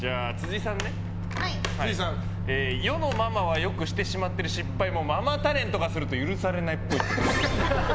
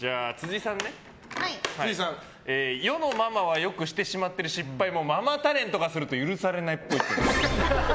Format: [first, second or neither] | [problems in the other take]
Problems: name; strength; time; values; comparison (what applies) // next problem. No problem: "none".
second | background sound (Microwave oven); 2 dB below the speech